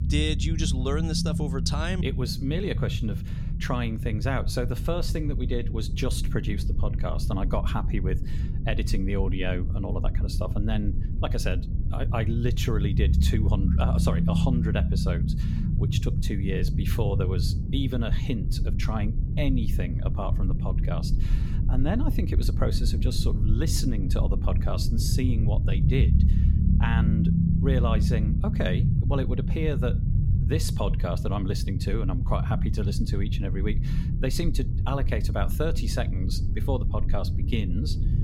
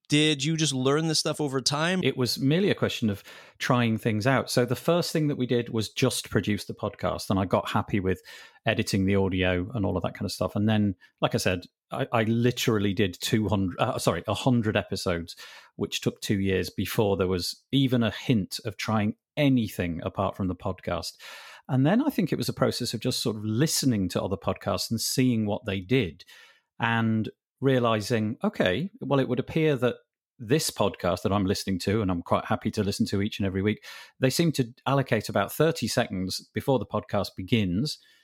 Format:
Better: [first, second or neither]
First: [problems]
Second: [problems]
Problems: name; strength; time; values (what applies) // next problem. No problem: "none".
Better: second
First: low rumble; loud; throughout; 6 dB below the speech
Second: none